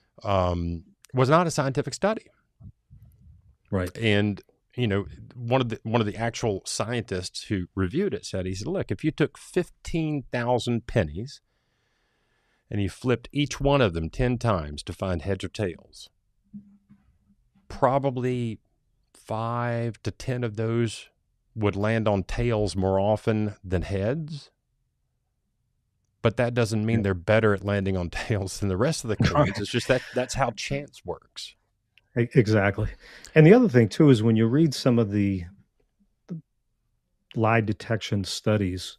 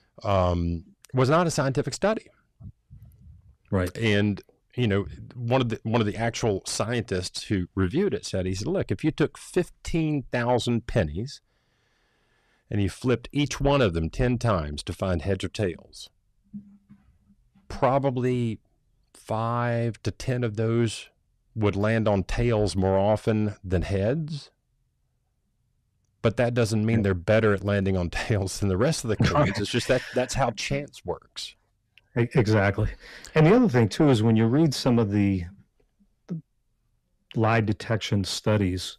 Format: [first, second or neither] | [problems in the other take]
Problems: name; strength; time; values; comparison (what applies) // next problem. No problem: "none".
first | distortion; slight; 10 dB below the speech